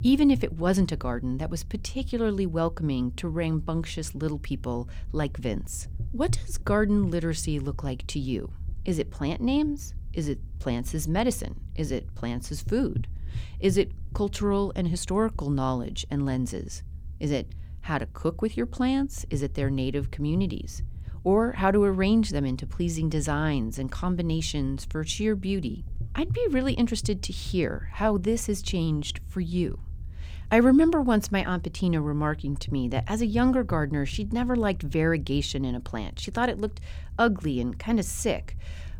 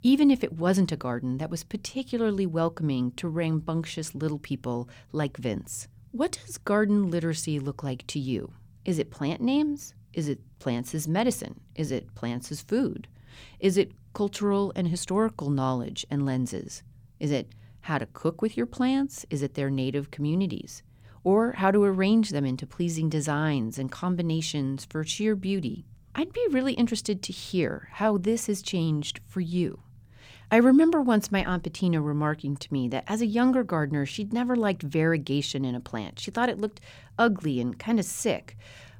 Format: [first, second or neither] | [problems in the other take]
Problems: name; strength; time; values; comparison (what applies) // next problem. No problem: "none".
second | low rumble; faint; throughout; 25 dB below the speech